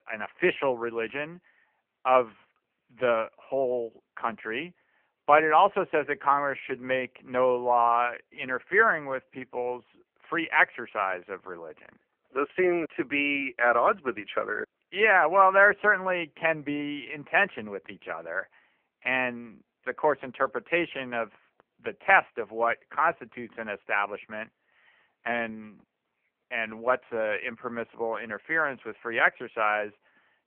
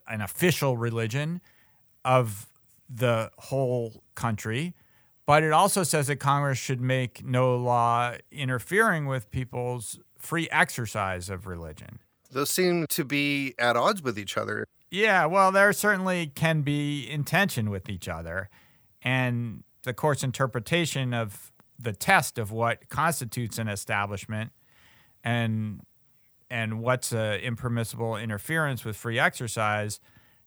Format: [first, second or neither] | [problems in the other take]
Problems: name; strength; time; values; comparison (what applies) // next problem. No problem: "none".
second | phone-call audio; poor line